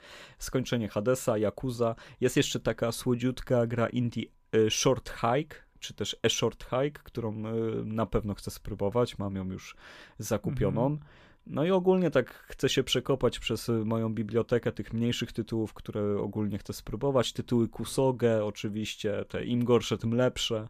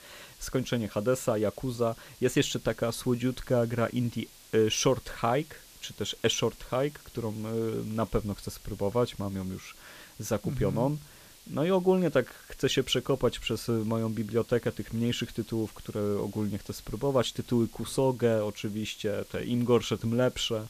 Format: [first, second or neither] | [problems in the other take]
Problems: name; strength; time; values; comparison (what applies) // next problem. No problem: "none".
first | hiss; faint; throughout; 20 dB below the speech